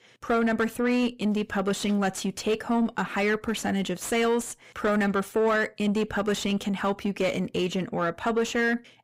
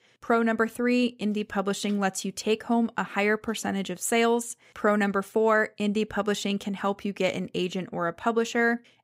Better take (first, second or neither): second